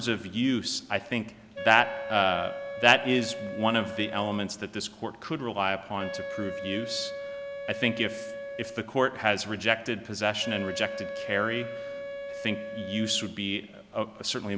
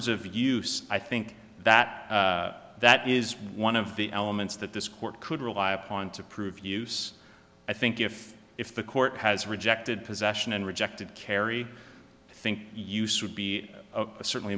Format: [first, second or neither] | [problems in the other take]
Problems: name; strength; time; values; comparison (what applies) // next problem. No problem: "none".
second | background sound (Wind instrument, woodwind instrument); 10 dB below the speech